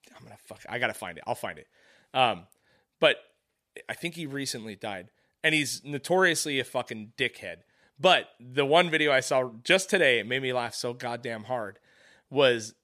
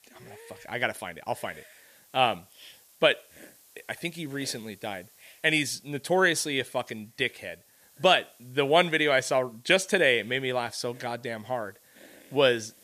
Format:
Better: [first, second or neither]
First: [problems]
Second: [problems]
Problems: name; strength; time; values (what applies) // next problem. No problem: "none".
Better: first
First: none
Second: hiss; faint; throughout; 25 dB below the speech